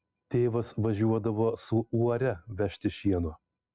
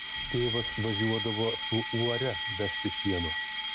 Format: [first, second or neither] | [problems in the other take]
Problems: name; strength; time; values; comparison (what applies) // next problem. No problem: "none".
first | background sound (Alarm); 2 dB below the speech